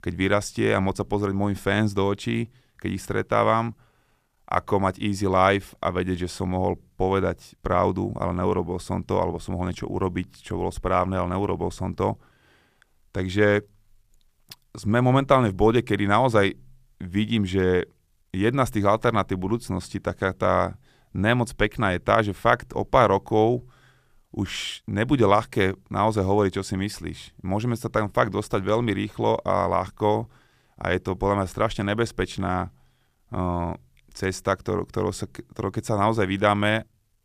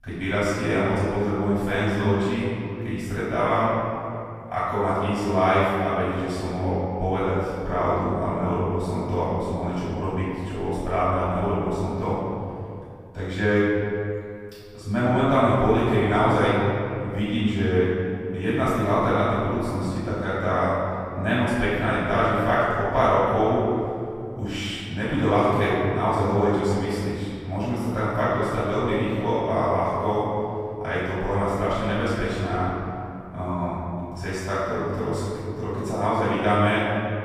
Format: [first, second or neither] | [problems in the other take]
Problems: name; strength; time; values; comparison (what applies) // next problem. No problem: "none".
first | room echo; strong; dies away in 2.4 s // off-mic speech; far